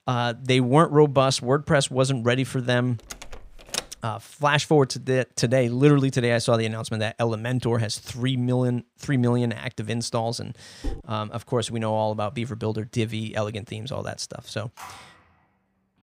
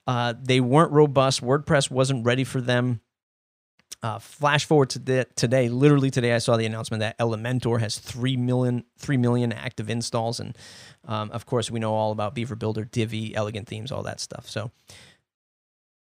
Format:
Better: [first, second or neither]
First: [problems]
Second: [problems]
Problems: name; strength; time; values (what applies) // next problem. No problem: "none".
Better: second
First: door banging; noticeable; at 3 s; peak 7 dB below the speech // clattering dishes; faint; at 11 s; peak 15 dB below the speech // phone ringing; faint; at 15 s; peak 20 dB below the speech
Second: none